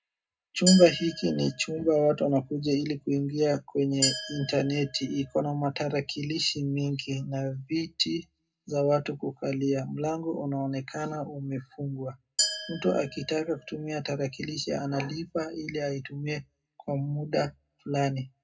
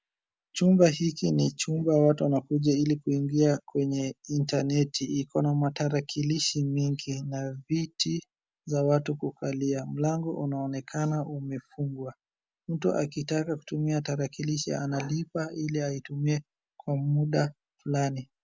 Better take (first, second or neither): second